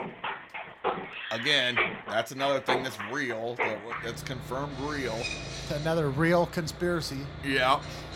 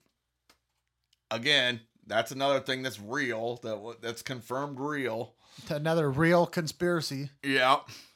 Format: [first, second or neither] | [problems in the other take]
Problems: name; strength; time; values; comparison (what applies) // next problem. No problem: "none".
second | machinery noise; loud; throughout; 5 dB below the speech